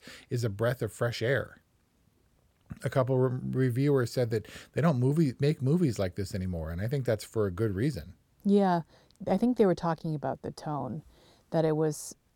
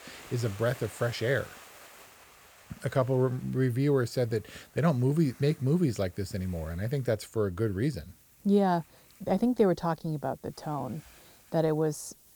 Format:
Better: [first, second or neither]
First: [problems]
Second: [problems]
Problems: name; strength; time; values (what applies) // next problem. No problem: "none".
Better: first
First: none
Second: hiss; faint; throughout; 25 dB below the speech